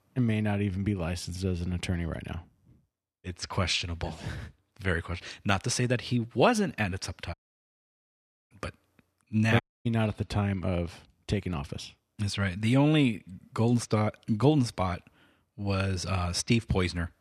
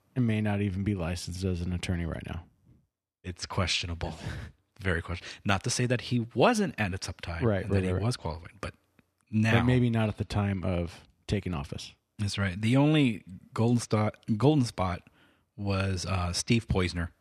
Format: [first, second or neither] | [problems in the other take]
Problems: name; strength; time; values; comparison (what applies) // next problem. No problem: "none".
second | audio cutting out; at 7.5 s for 1 s and at 9.5 s